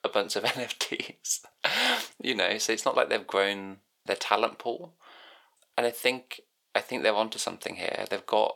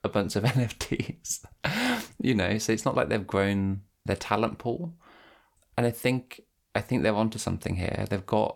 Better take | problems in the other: second | thin; very; fading below 550 Hz

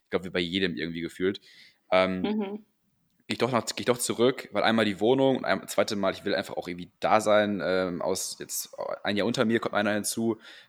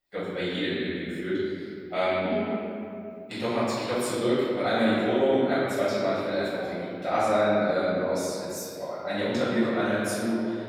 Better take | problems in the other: first | off-mic speech; far // room echo; strong; dies away in 2.4 s

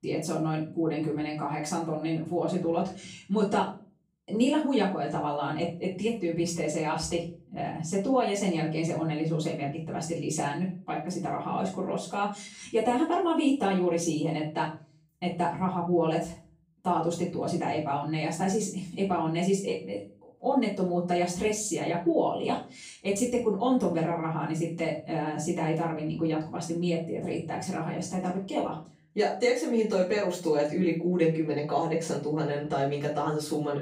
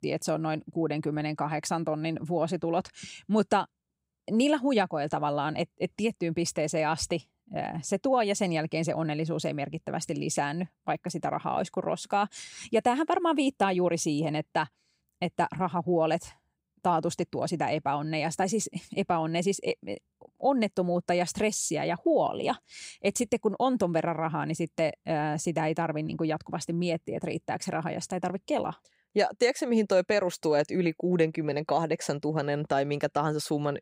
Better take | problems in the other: second | room echo; slight; dies away in 0.4 s // off-mic speech; far

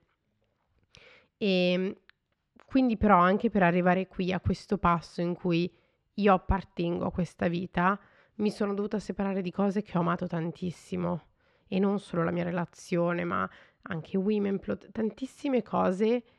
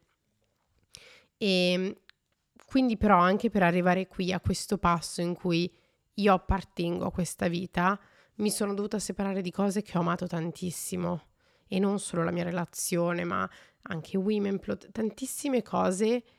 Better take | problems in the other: second | muffled; slightly; fading above 3 kHz

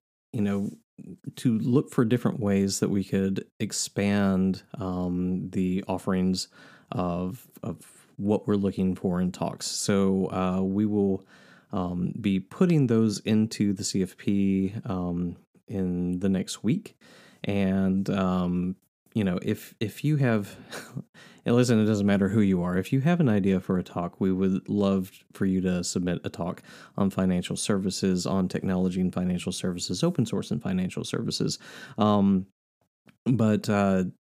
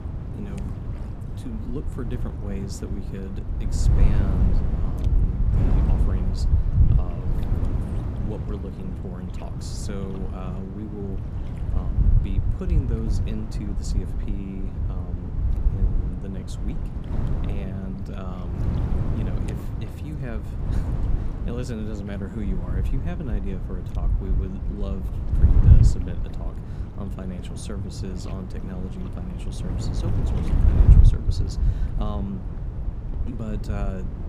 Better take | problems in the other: first | wind noise on the microphone; heavy; 1 dB above the speech

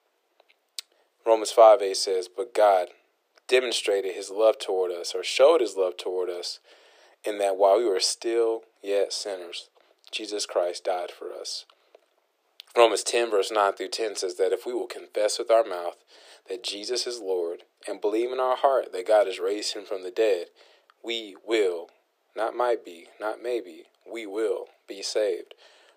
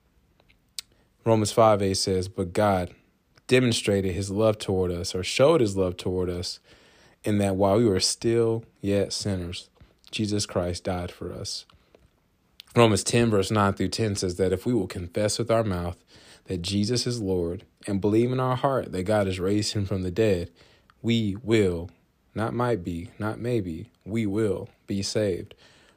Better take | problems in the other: second | thin; very; fading below 350 Hz

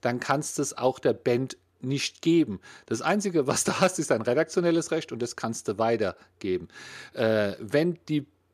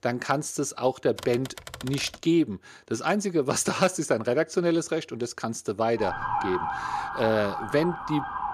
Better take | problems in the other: first | keyboard typing; faint; at 1 s; peak 10 dB below the speech // siren; noticeable; from 6 s on; peak 2 dB below the speech

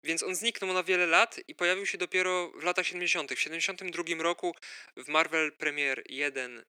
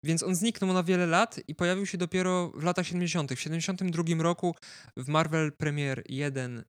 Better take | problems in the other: second | thin; very; fading below 350 Hz

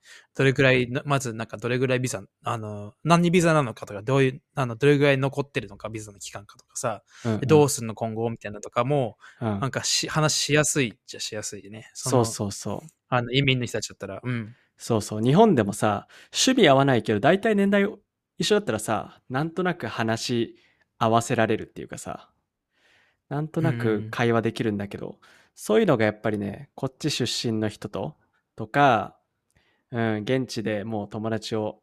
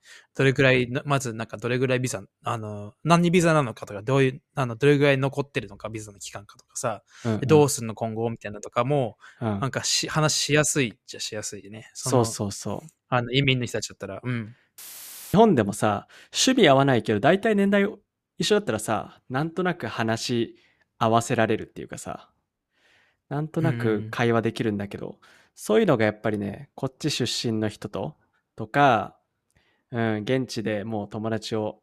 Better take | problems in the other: first | audio cutting out; filled with static; at 15 s for 0.5 s

